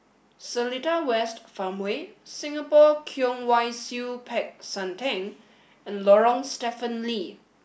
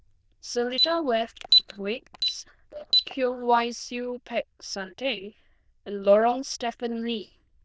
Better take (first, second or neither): first